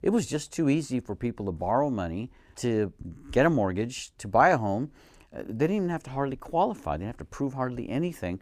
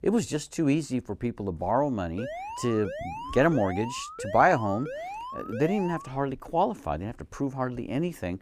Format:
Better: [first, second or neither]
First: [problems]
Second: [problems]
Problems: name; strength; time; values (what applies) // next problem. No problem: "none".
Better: first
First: none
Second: alarm; noticeable; from 2 to 6 s; peak 8 dB below the speech